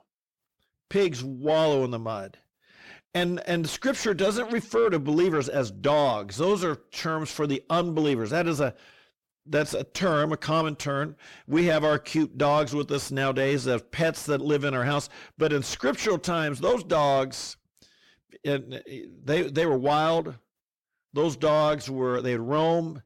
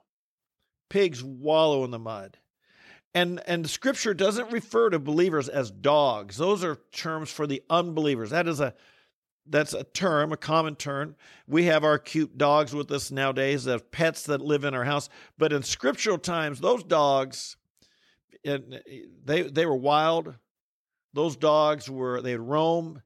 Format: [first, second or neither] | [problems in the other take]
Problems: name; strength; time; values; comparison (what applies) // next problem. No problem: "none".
second | distortion; slight; 10 dB below the speech